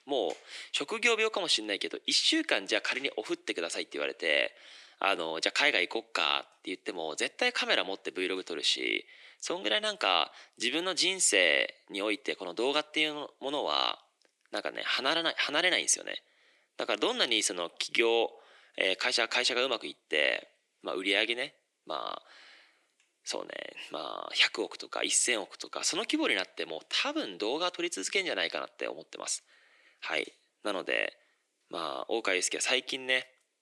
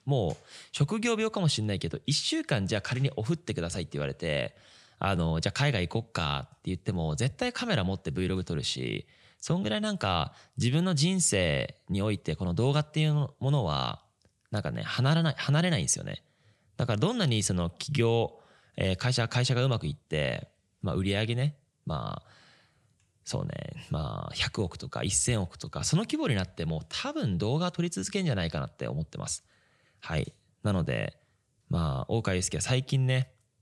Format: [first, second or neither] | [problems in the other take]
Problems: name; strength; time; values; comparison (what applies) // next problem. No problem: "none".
second | thin; very; fading below 300 Hz